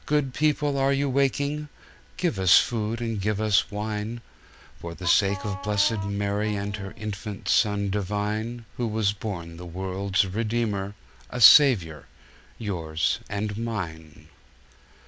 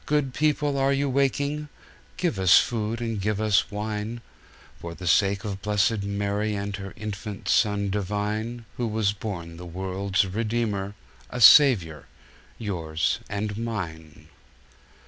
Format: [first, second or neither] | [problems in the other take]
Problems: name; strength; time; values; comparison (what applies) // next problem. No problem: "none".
second | background sound (Wind instrument, woodwind instrument); 15 dB below the speech